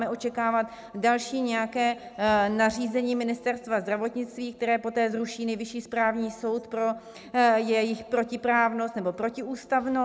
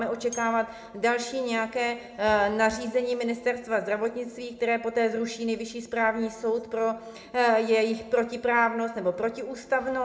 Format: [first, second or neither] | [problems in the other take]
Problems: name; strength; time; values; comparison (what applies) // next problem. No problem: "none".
first | background sound (Bell); 20 dB below the speech // room echo; dies away in 0.7 s